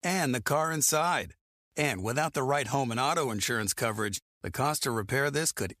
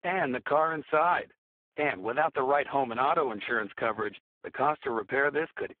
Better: first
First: none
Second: phone-call audio; poor line

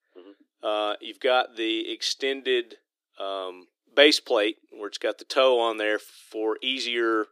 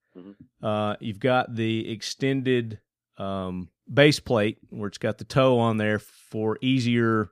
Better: second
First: thin; very; fading below 300 Hz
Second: none

